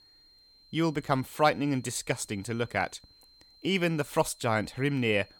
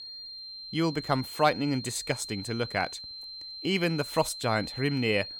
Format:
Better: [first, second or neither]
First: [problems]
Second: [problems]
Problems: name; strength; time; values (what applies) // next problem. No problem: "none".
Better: first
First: high-pitched whine; faint; throughout; 4 kHz, 25 dB below the speech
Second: high-pitched whine; loud; throughout; 4 kHz, 10 dB below the speech